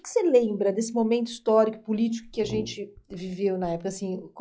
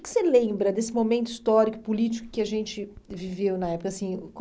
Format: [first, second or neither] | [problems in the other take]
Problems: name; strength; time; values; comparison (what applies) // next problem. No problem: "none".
second | noise reduction (classical method log-MMSE)